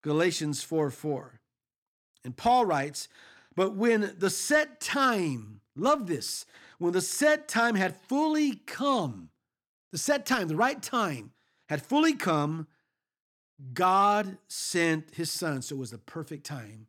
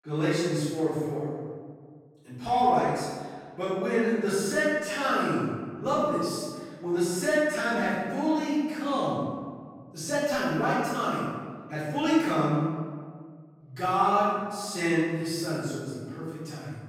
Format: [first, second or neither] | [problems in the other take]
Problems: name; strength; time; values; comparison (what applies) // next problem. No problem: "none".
first | off-mic speech; far // room echo; strong; dies away in 1.6 s